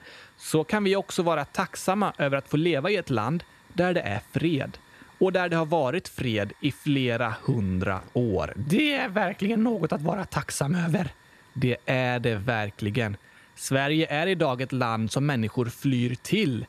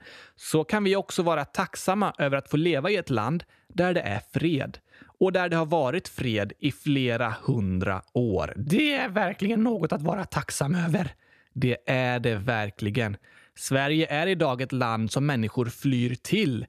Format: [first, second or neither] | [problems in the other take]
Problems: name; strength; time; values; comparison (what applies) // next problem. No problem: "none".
second | hiss; faint; throughout; 30 dB below the speech